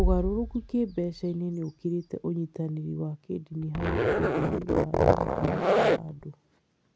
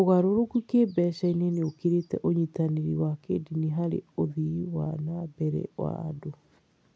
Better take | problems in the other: second | background sound (Zipper (clothing) + Bass drum); 3 dB above the speech

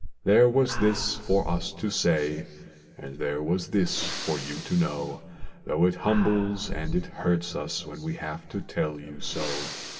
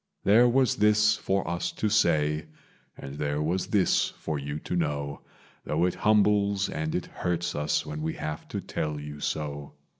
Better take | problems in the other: second | background sound (Breathing); 9 dB below the speech // room echo; dies away in 2.3 s

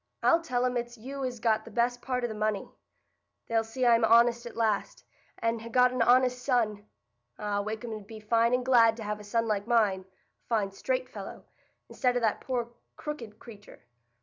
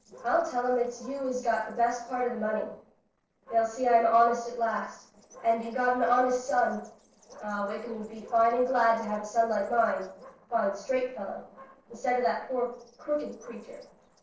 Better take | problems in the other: first | noise reduction (neural separator model SepFormer DNS4)

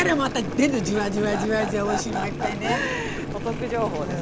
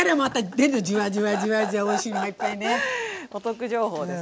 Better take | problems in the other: second | background sound (Boiling); 6 dB below the speech

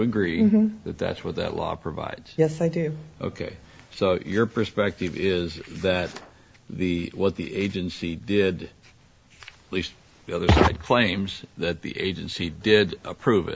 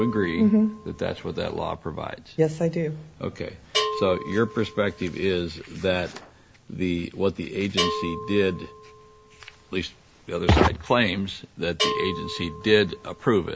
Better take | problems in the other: first | background sound (Bell); 10 dB below the speech

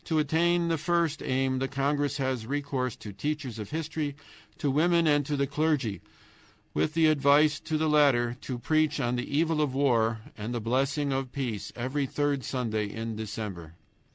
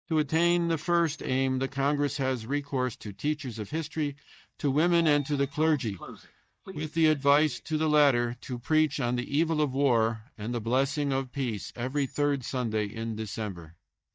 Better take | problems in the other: first | noise reduction (neural mask model DeepFilterNet 3)

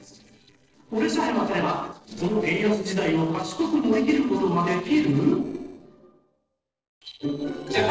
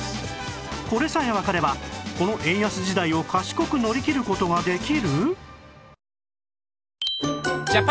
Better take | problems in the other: second | noise reduction (neural separator model SepFormer DNS4)

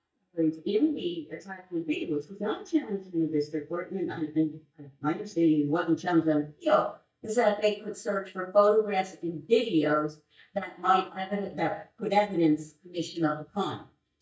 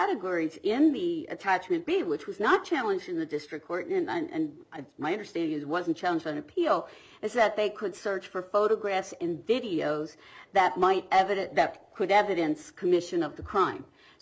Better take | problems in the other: second | noise reduction (neural mask model DeepFilterNet 3)

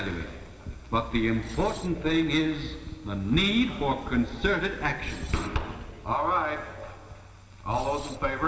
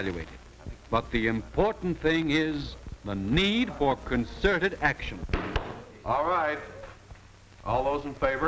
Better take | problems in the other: second | background sound (Screech); 18 dB below the speech // room echo; dies away in 2 s

